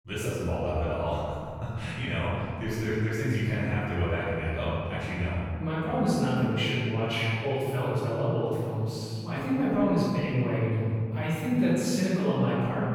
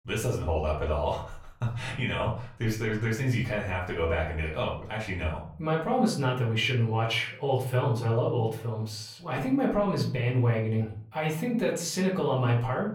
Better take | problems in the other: second | room echo; strong; dies away in 2.3 s; slight in the second // off-mic speech; far; far in the second

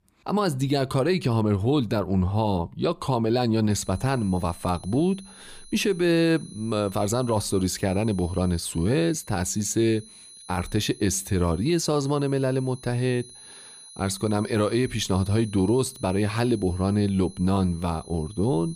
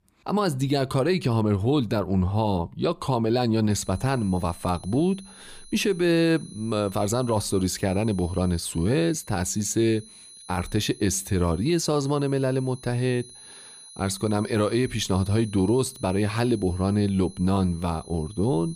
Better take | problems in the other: neither | high-pitched whine; noticeable; from 3.5 s on; 10.5 kHz, 20 dB below the speech; the same in both

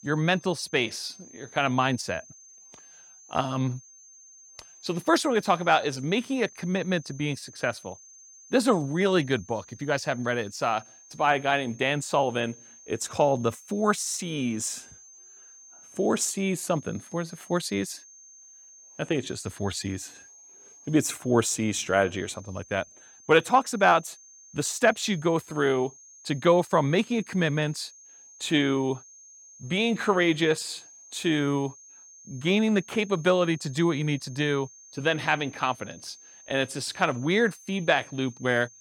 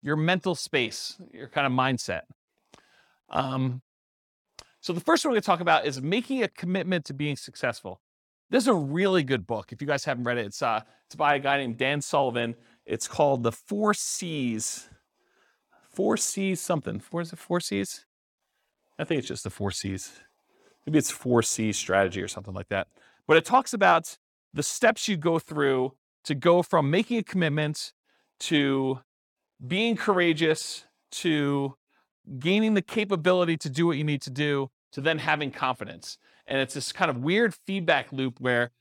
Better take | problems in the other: second | high-pitched whine; faint; throughout; 6.5 kHz, 20 dB below the speech

